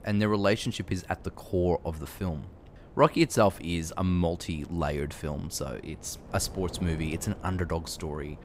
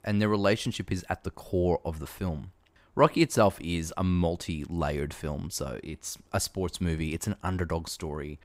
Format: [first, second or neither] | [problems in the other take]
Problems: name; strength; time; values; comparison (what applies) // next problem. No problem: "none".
second | wind noise on the microphone; occasional gusts; 20 dB below the speech